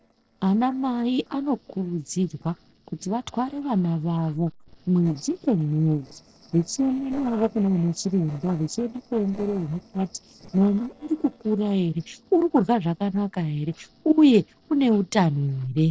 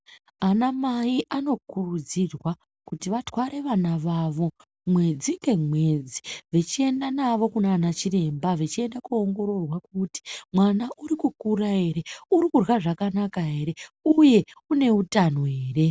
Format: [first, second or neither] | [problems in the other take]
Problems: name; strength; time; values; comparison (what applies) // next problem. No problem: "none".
second | noise reduction (neural separator model SepFormer DNS4)